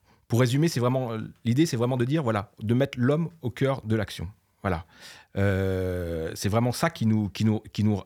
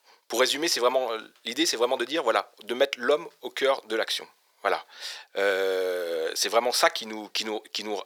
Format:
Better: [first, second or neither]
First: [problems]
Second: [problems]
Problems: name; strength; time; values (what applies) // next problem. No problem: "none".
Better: first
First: none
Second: thin; very; fading below 400 Hz